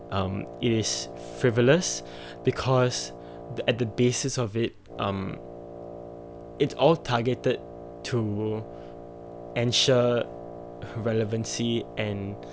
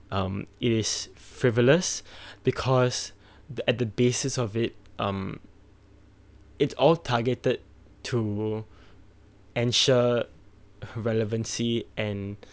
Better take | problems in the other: second | background sound (Wind instrument, woodwind instrument); 14 dB below the speech

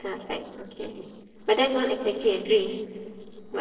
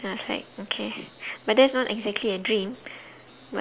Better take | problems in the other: second | noise reduction (neural separator model SepFormer DNS4)

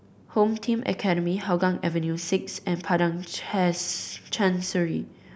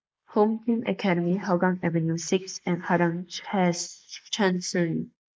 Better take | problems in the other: first | noise reduction (neural mask model Resemble Enhance denoiser)

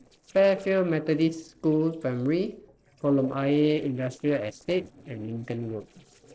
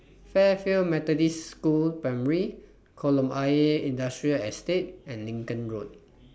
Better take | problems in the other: second | noise reduction (neural separator model SepFormer DNS4)

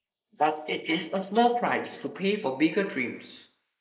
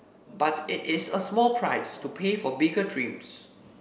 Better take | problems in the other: second | noise reduction (neural mask model Resemble Enhance denoiser)

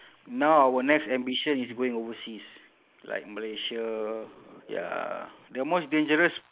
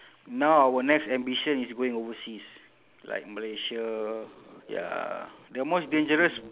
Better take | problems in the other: second | noise reduction (neural mask model Resemble Enhance denoiser)

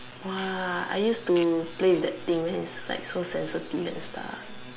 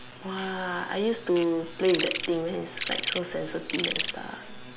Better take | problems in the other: first | background sound (Insect); 5 dB below the speech

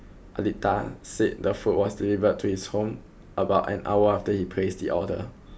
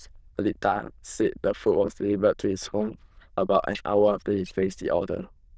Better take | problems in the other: first | noise reduction (neural diffusion model UNIVERSE++)

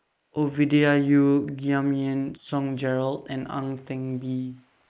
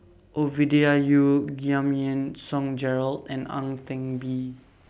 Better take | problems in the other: second | noise reduction (neural mask model Resemble Enhance denoiser)

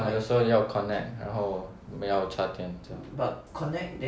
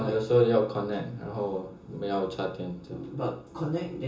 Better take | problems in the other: first | room echo; dies away in 0.2 s

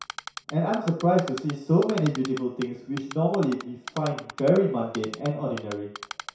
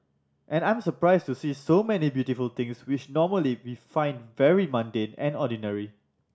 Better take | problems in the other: second | background sound (Typing); 15 dB below the speech // room echo; dies away in 0.6 s

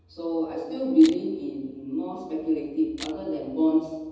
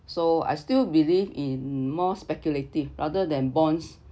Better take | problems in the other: second | background sound (Camera); 18 dB below the speech // room echo; dies away in 1.1 s

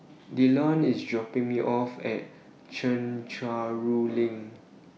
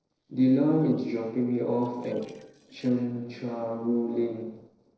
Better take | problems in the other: first | noise reduction (neural separator model SepFormer DNS4)

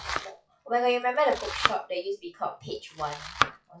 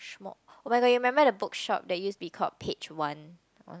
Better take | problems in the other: second | noise reduction (classical method WPE with log-MMSE)

